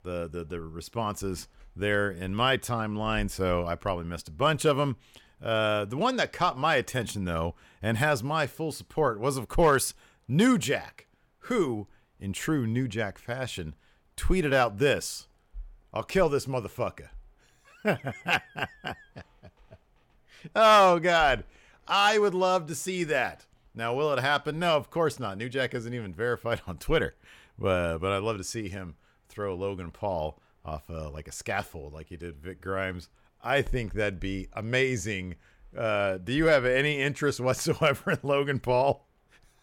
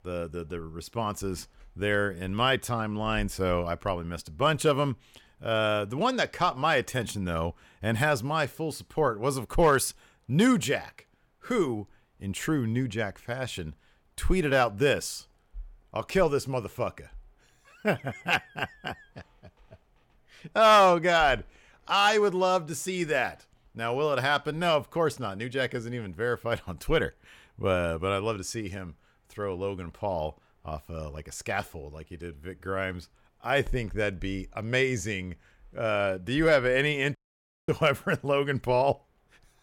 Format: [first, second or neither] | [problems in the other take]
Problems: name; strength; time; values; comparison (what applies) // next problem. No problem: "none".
first | audio cutting out; at 37 s for 0.5 s